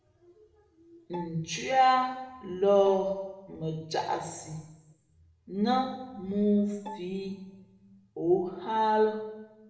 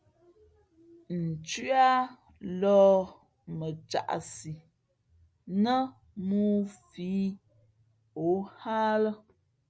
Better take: second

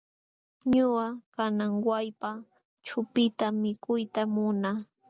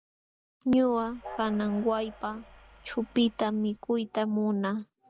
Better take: first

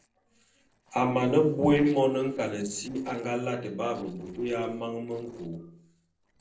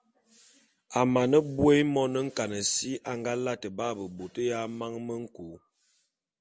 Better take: second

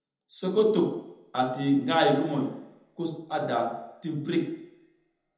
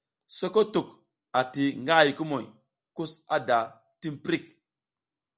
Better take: second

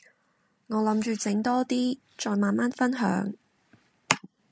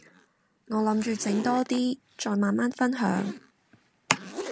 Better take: first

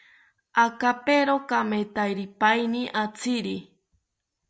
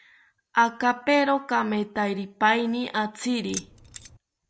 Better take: first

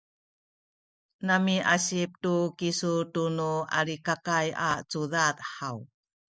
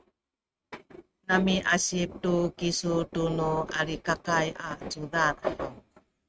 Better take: first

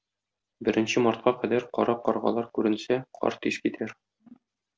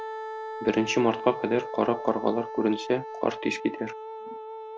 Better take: first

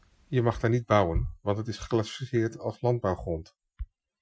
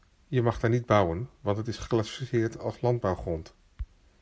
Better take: second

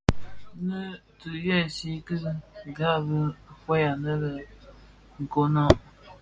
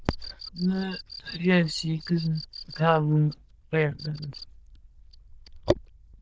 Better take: first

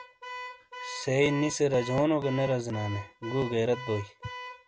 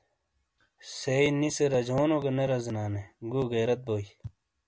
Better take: second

